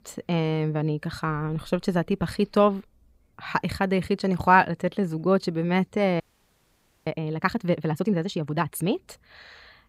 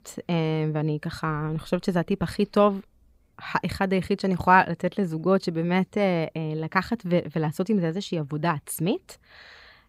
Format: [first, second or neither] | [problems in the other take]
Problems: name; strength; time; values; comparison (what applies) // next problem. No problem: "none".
second | audio freezing; at 6 s for 1 s